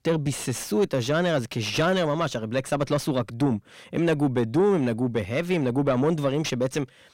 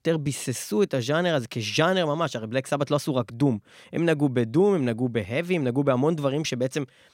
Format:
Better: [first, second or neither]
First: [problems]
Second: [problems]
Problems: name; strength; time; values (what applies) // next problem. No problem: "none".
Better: second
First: distortion; slight; 10 dB below the speech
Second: none